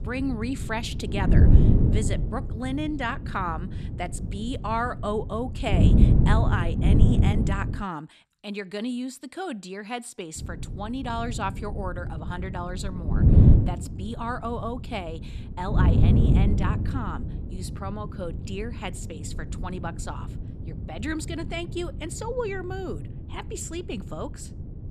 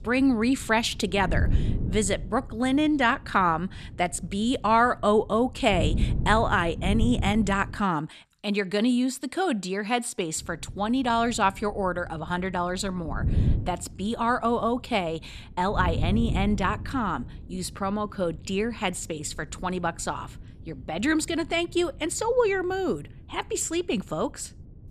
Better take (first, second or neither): second